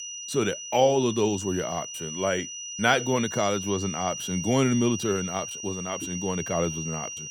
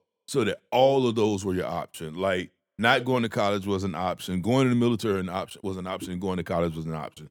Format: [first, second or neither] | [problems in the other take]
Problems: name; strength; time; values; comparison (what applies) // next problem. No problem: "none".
second | high-pitched whine; loud; throughout; 6 kHz, 7 dB below the speech